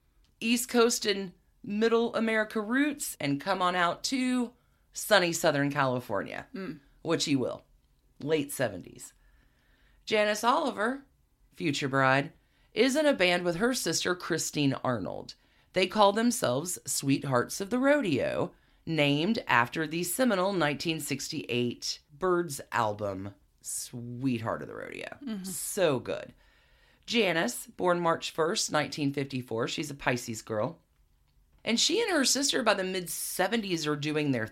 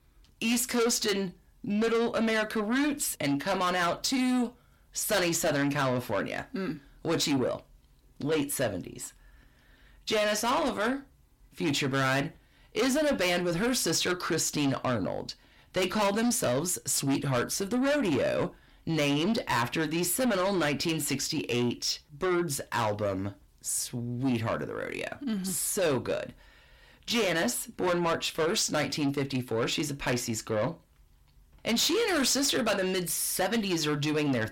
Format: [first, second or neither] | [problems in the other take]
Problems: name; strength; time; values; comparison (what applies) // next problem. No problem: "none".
first | distortion; heavy; 6 dB below the speech